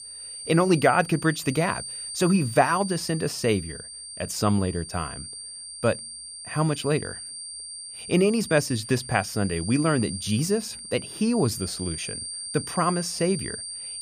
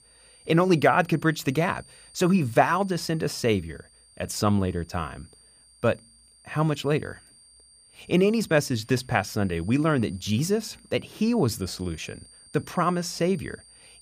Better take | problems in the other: second | high-pitched whine; loud; throughout; 9 kHz, 9 dB below the speech; faint in the second

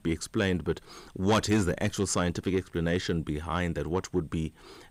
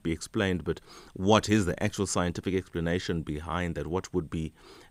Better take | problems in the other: second | distortion; slight; 10 dB below the speech

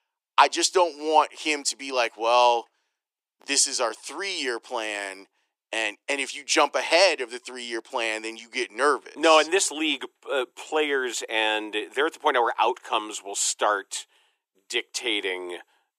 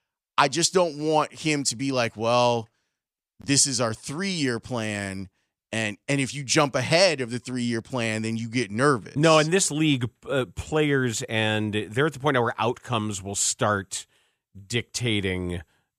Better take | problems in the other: second | thin; very; fading below 350 Hz

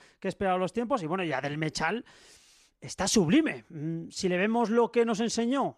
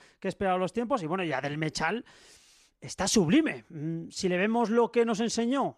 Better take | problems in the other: neither | none

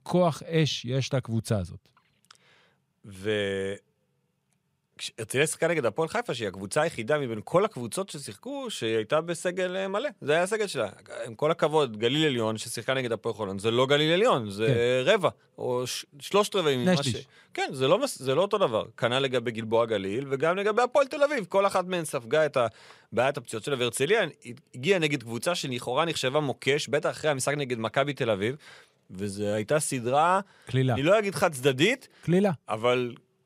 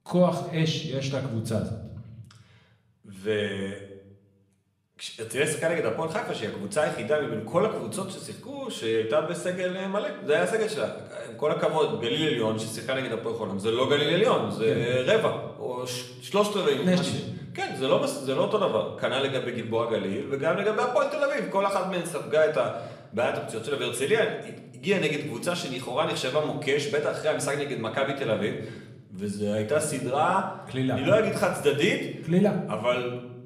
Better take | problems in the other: first | room echo; slight; dies away in 0.8 s // off-mic speech; somewhat distant

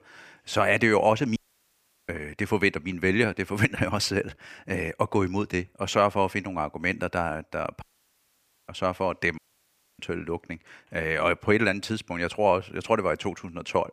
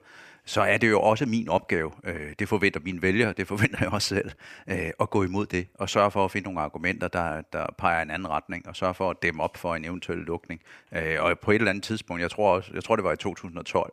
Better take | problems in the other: second | audio cutting out; at 1.5 s for 0.5 s, at 8 s for 1 s and at 9.5 s for 0.5 s

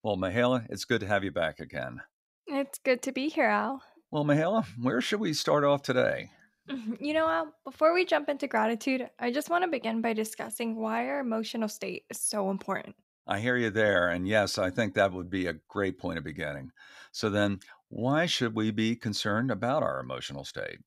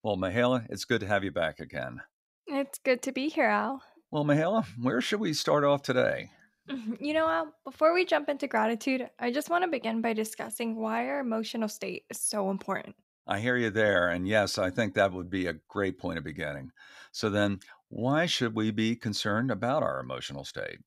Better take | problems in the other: neither | none

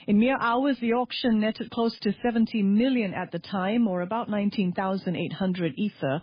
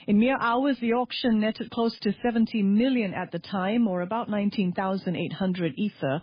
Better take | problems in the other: neither | garbled, watery; badly; nothing above 5 kHz; the same in both

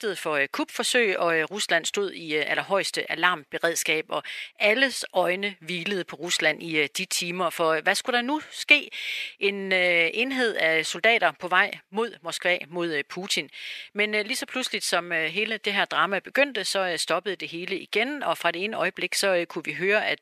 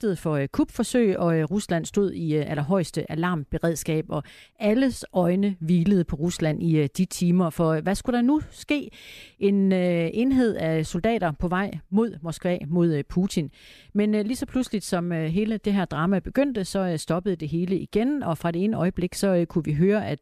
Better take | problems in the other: second | thin; very; fading below 550 Hz

